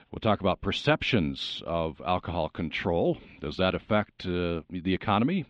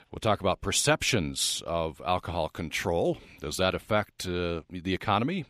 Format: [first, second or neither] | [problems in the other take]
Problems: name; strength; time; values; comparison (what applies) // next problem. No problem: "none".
second | muffled; slightly; fading above 3.5 kHz